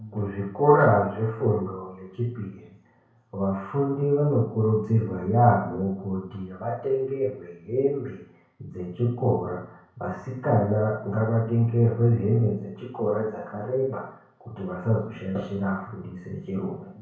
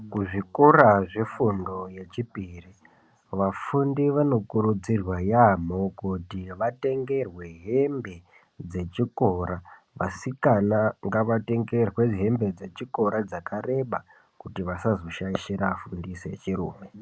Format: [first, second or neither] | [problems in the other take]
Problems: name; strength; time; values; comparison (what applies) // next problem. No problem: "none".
second | room echo; dies away in 0.6 s